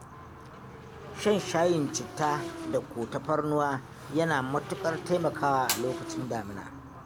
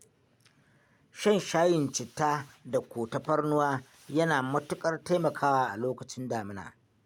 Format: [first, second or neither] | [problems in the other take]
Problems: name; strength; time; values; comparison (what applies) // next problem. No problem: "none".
second | background sound (Motorcycle / Engine + Fire); 9 dB below the speech